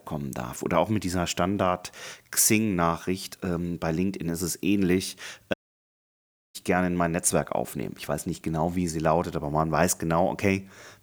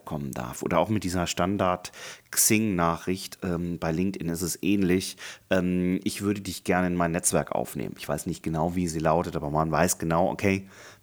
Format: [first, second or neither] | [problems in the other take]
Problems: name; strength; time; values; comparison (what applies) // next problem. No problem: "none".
second | audio cutting out; at 5.5 s for 1 s